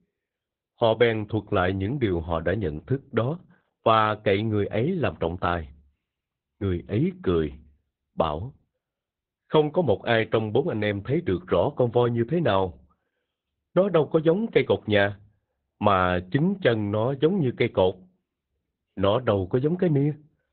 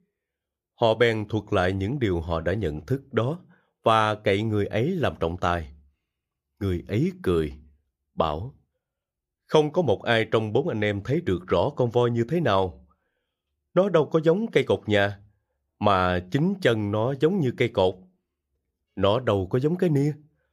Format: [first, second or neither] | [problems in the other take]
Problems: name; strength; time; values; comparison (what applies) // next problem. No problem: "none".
second | garbled, watery; badly; nothing above 3.5 kHz